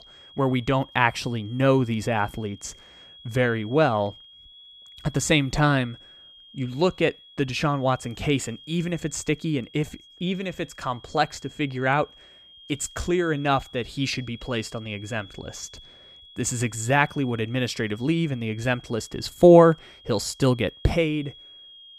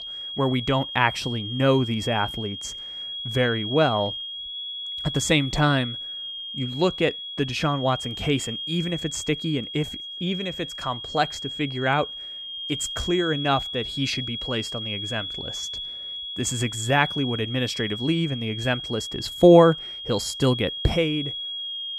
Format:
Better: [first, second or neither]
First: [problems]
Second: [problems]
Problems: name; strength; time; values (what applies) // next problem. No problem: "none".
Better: first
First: high-pitched whine; faint; throughout; 3.5 kHz, 20 dB below the speech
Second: high-pitched whine; loud; throughout; 3.5 kHz, 6 dB below the speech